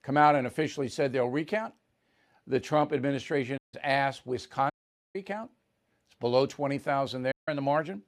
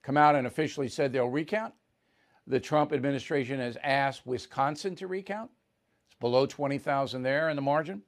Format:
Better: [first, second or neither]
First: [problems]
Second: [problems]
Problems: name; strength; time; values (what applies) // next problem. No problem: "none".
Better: second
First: audio cutting out; at 3.5 s, at 4.5 s and at 7.5 s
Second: none